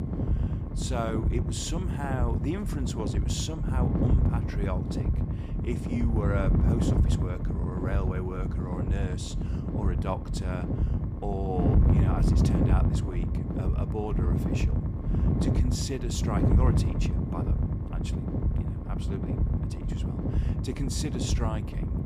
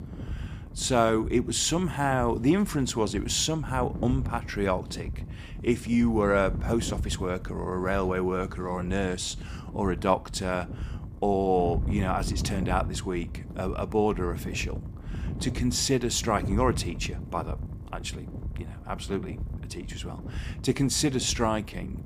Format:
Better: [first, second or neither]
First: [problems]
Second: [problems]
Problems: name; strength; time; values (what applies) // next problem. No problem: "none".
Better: second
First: wind noise on the microphone; heavy; 1 dB below the speech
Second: wind noise on the microphone; occasional gusts; 20 dB below the speech